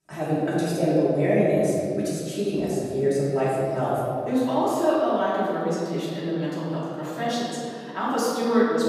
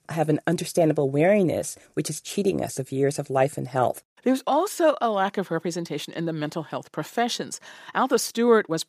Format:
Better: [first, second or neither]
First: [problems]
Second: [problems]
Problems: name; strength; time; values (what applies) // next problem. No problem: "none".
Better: second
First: off-mic speech; far // room echo; strong; dies away in 2.3 s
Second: none